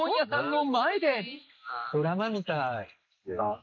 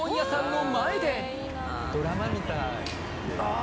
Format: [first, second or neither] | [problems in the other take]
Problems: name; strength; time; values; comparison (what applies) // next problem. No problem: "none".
second | noise reduction (neural mask model Resemble Enhance denoiser)